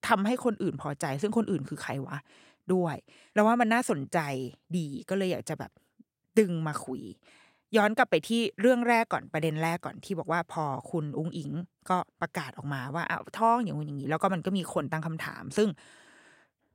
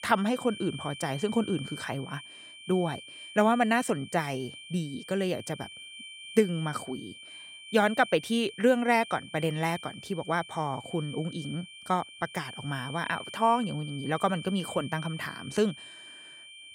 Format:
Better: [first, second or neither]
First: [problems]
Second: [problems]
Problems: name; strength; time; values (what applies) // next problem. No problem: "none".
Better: first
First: none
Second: high-pitched whine; noticeable; throughout; 3 kHz, 15 dB below the speech